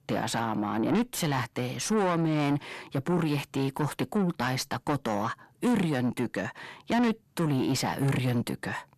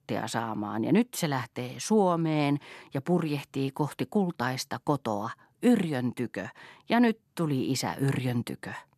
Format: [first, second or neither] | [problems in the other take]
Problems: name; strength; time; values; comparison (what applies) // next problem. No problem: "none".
second | distortion; heavy; 8 dB below the speech